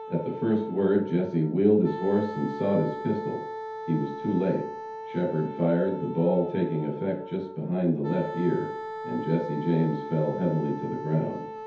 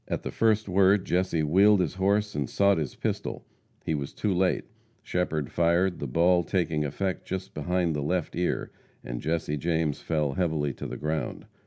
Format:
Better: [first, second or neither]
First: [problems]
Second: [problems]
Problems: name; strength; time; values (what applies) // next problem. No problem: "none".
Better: second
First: background sound (Wind instrument, woodwind instrument); 10 dB below the speech // room echo; dies away in 0.5 s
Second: none